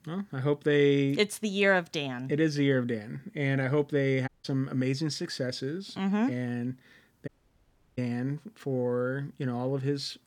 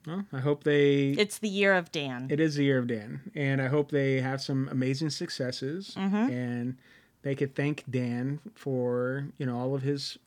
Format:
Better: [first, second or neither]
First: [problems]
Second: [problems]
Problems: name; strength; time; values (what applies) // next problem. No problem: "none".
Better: second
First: audio cutting out; at 4.5 s and at 7.5 s for 0.5 s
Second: none